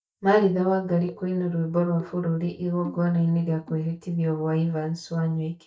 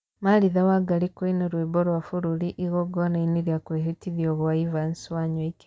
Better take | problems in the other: second | noise reduction (neural mask model DeepFilterNet 3)

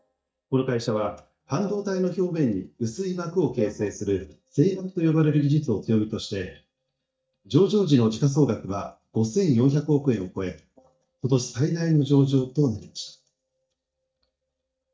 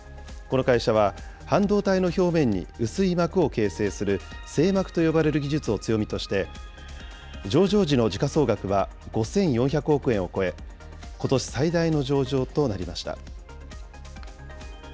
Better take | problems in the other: second | noise reduction (neural mask model DeepFilterNet 3)

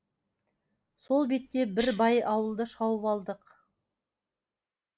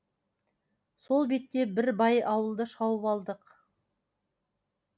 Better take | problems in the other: second | noise reduction (neural mask model Resemble Enhance denoiser)

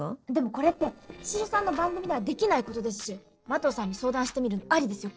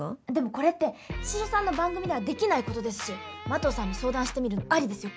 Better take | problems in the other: second | noise reduction (neural separator model SepFormer DNS4)

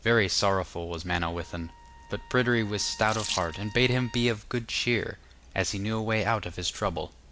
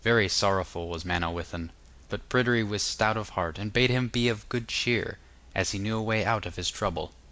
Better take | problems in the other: second | background sound (Sink (filling or washing) / Water tap, faucet + Trumpet); 17 dB below the speech

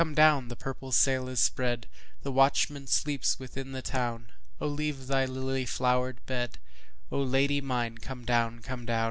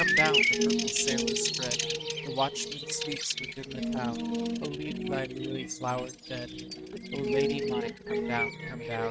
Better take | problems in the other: first | noise reduction (neural mask model RNNoise)

